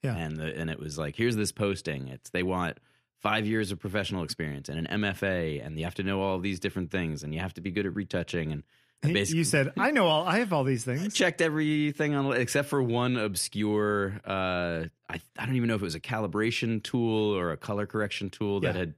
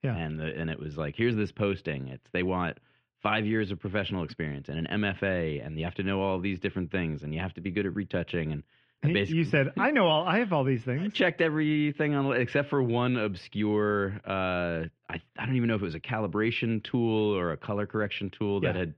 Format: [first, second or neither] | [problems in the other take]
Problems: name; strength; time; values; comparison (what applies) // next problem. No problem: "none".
first | muffled; very; fading above 3 kHz